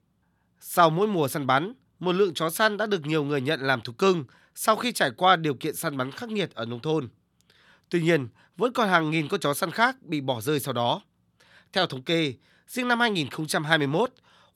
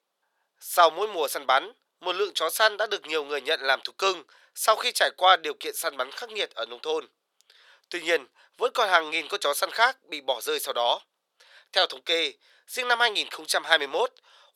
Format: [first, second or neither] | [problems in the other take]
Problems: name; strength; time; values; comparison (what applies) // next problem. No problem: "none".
first | thin; very; fading below 500 Hz